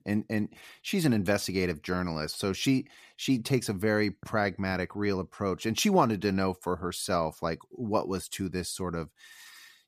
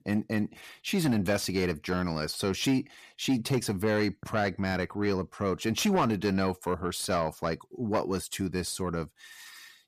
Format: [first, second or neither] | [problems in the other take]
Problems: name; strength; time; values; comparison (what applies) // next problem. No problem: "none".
first | distortion; slight; 10 dB below the speech